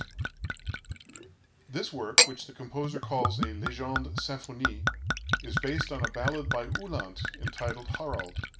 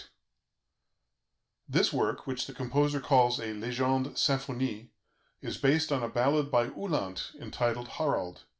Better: second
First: background sound (Gurgling / Chink, clink / Liquid); 5 dB above the speech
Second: none

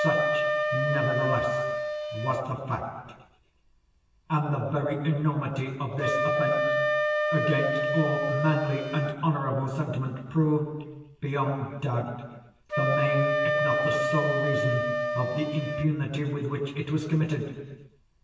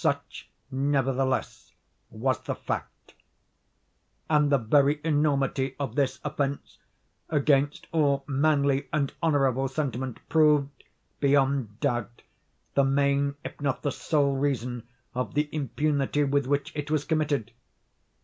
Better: second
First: background sound (Wind instrument, woodwind instrument); 1 dB below the speech // room echo; dies away in 1.4 s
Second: none

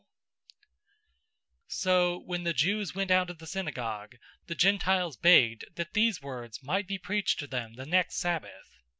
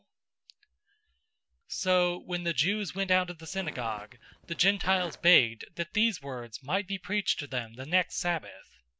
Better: first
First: none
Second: background sound (Fart); 17 dB below the speech

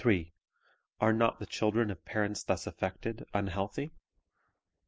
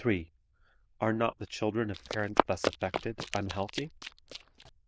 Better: first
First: none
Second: noise reduction (neural diffusion model UNIVERSE++)

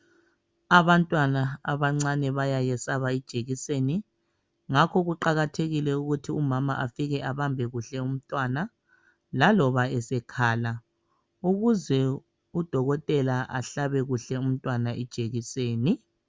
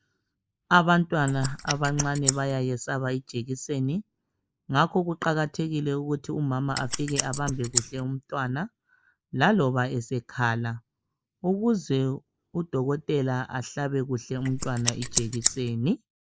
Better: first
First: none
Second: noise reduction (neural mask model Resemble Enhance denoiser)

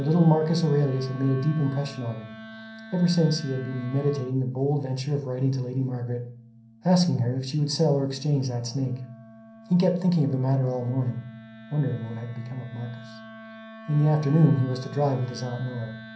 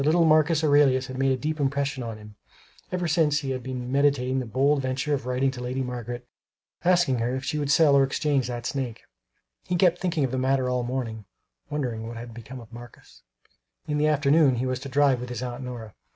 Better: second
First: background sound (Wind instrument, woodwind instrument); 19 dB below the speech // room echo; dies away in 0.6 s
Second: none

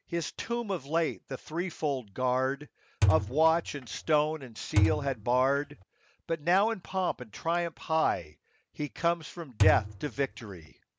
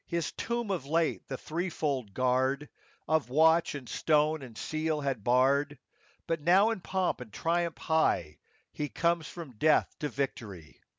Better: second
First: background sound (Thump, thud); as loud as the speech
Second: none

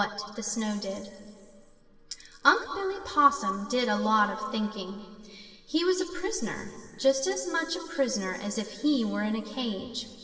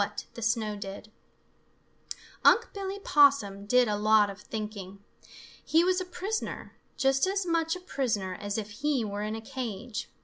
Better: second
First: room echo; dies away in 2.7 s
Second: none

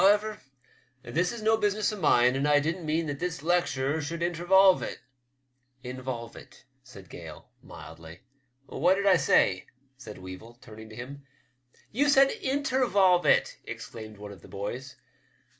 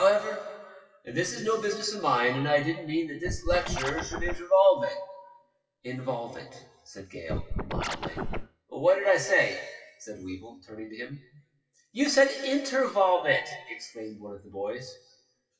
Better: first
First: none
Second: noise reduction (classical method WPE with log-MMSE)

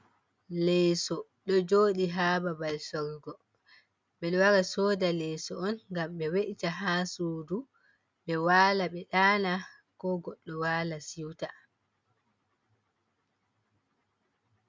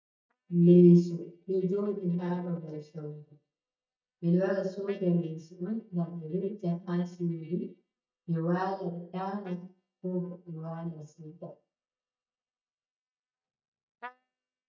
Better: first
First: none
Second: noise reduction (neural mask model DeepFilterNet 3)

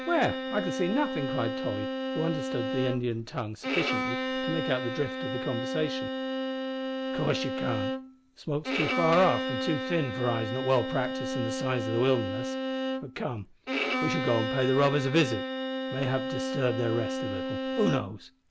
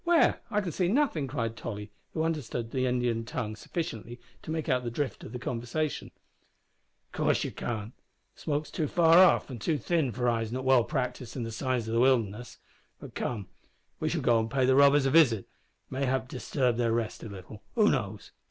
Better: second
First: background sound (Bowed string instrument); 2 dB below the speech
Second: none

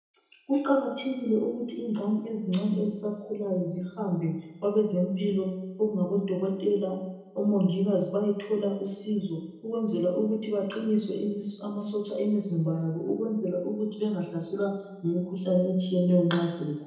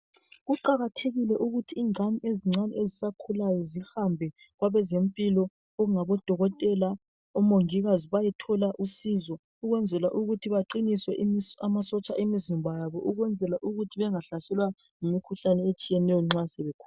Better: second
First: room echo; dies away in 0.9 s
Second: none

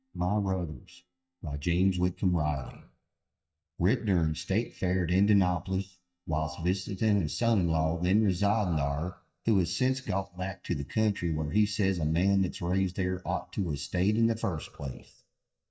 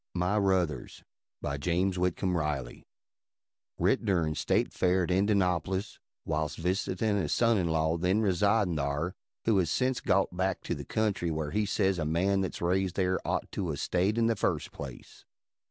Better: second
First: noise reduction (neural mask model DeepFilterNet 3)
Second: none

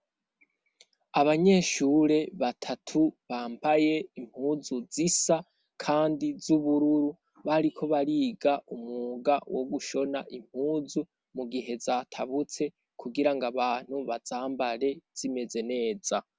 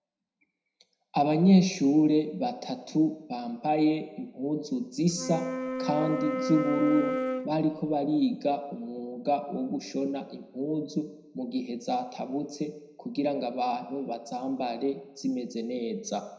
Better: first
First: none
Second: background sound (Wind instrument, woodwind instrument); 3 dB below the speech // room echo; dies away in 0.7 s

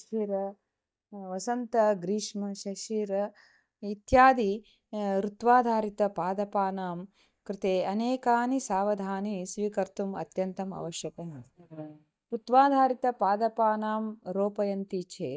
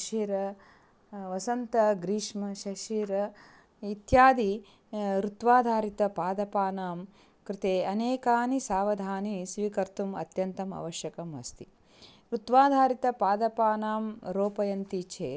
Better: second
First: noise reduction (neural mask model DeepFilterNet 3)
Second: none

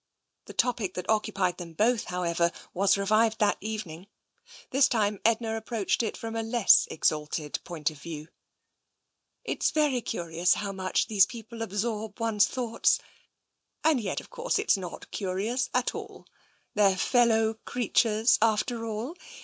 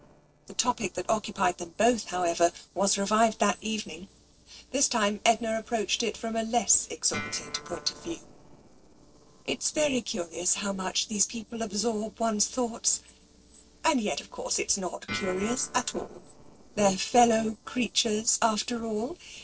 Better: first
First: none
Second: noise reduction (neural separator model SepFormer DNS4)

